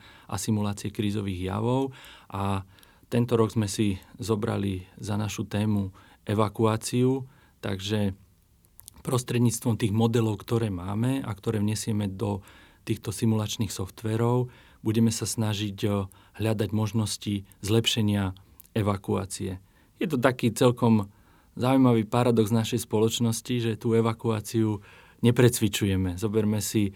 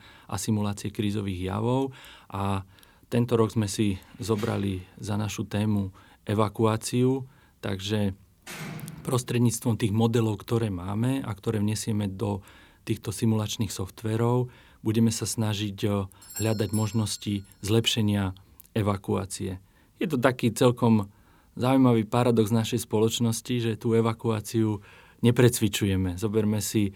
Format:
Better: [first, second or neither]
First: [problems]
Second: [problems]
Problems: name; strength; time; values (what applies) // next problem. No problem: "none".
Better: first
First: none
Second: door banging; faint; from 4.5 to 9 s; peak 10 dB below the speech // doorbell; noticeable; at 16 s; peak 10 dB below the speech